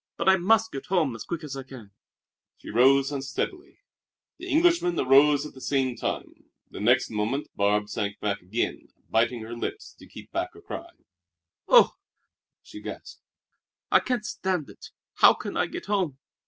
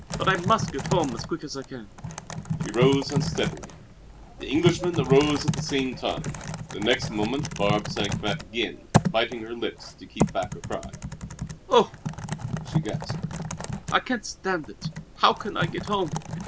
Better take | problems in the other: first | background sound (Typing); 3 dB below the speech

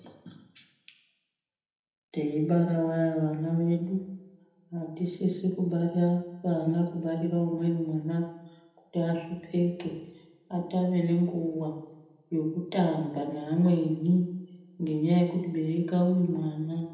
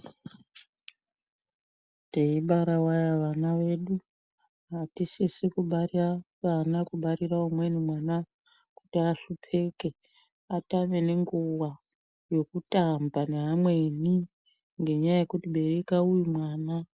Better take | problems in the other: second | room echo; dies away in 0.8 s

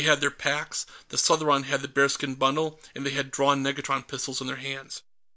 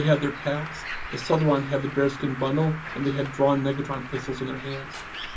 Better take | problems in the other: first | background sound (Bird); 11 dB below the speech // room echo; dies away in 0.4 s

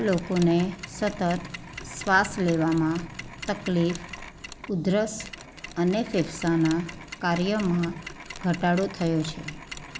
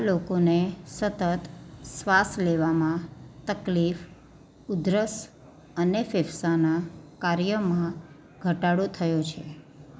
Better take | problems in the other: second | background sound (Mechanisms); 14 dB below the speech

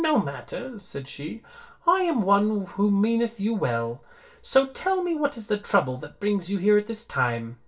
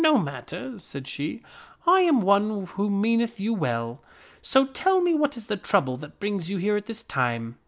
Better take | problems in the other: second | room echo; dies away in 0.2 s

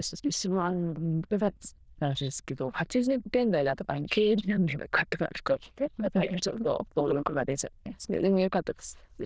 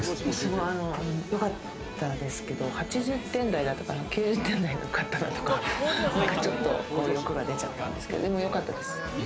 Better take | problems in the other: second | noise reduction (neural diffusion model UNIVERSE++)

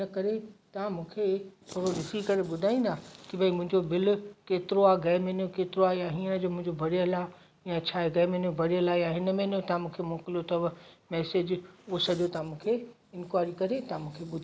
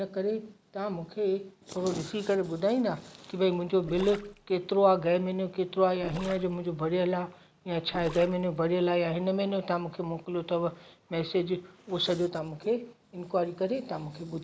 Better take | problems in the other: first | background sound (Gurgling); 15 dB below the speech

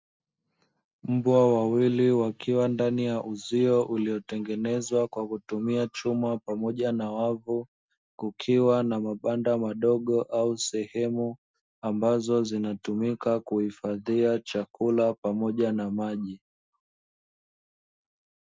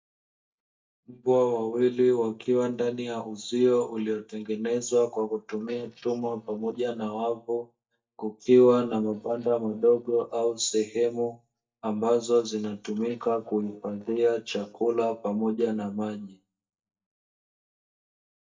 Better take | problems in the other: first | noise reduction (neural mask model DeepFilterNet 3)

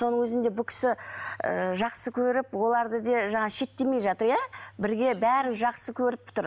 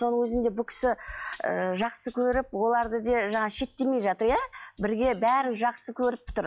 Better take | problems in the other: first | noise reduction (classical method log-MMSE)

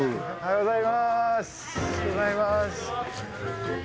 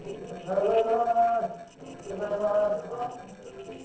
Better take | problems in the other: first | noise reduction (neural separator model SepFormer DNS4)

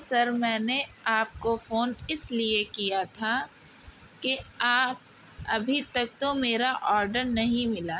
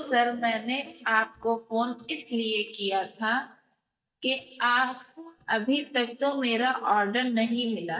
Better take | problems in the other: first | noise reduction (neural mask model DeepFilterNet 3)

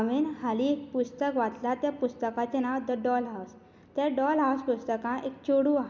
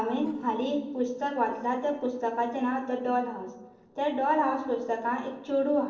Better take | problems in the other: first | noise reduction (neural separator model SepFormer DNS4)

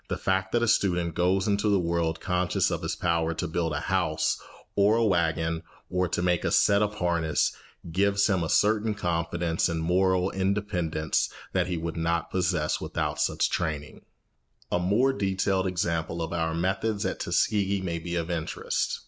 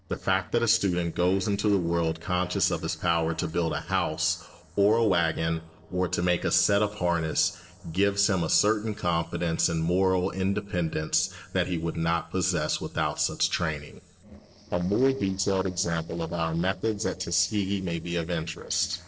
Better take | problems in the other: first | noise reduction (neural separator model SepFormer DNS4)

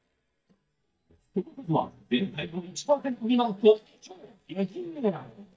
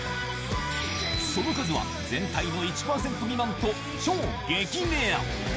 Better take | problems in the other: second | noise reduction (neural mask model DeepFilterNet 3)

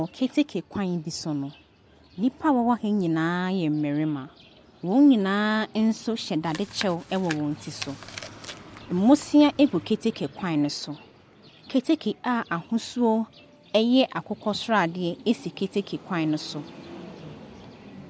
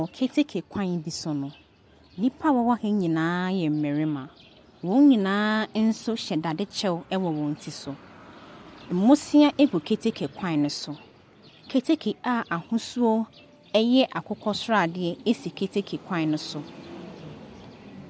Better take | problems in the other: second | background sound (Chewing, mastication); 16 dB below the speech

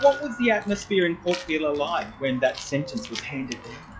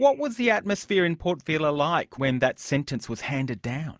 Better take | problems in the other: second | noise reduction (classical method WPE with log-MMSE)

